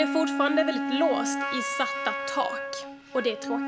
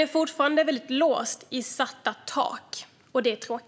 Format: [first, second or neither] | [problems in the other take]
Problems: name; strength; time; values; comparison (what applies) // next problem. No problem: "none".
second | background sound (Wind instrument, woodwind instrument); 2 dB below the speech